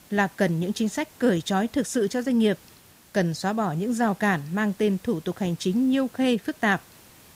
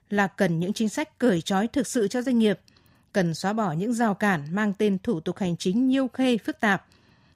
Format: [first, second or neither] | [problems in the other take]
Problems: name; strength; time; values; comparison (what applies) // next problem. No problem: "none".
second | hiss; faint; throughout; 25 dB below the speech